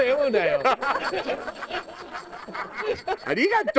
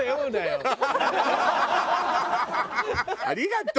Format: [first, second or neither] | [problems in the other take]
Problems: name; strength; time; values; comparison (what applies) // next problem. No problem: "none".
second | noise reduction (neural separator model SepFormer DNS4)